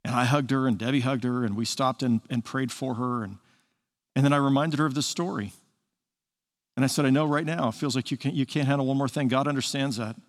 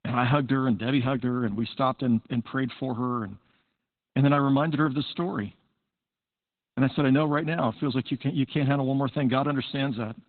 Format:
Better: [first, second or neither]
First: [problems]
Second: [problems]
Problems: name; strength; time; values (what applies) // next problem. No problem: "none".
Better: first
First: none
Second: garbled, watery; badly; nothing above 4 kHz